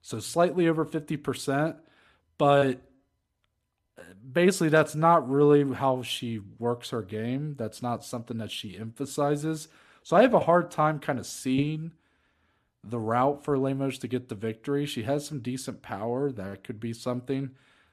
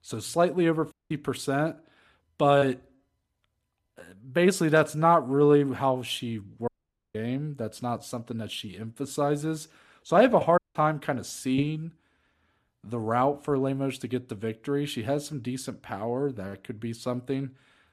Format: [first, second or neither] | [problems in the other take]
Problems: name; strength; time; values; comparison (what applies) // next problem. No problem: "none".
first | audio cutting out; at 1 s, at 6.5 s and at 11 s